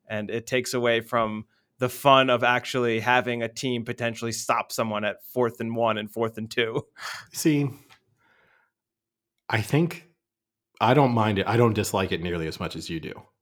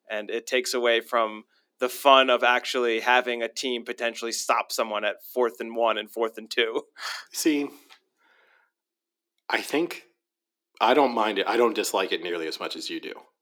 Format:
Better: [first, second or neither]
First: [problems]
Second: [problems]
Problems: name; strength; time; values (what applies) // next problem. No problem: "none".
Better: first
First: none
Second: thin; somewhat; fading below 300 Hz